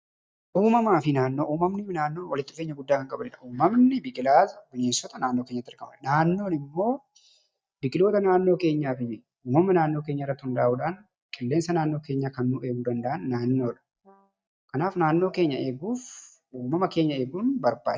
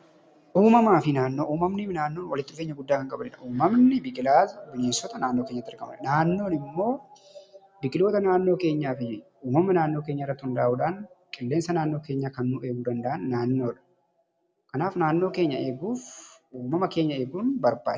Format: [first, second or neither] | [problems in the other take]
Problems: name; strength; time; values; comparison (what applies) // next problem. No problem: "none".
second | noise reduction (neural mask model DeepFilterNet 3)